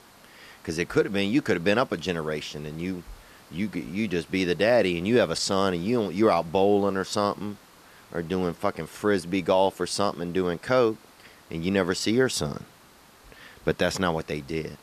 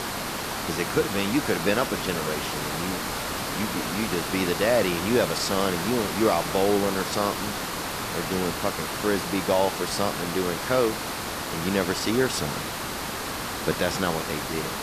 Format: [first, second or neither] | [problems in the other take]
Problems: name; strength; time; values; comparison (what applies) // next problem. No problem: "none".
first | hiss; loud; throughout; 3 dB below the speech; faint in the first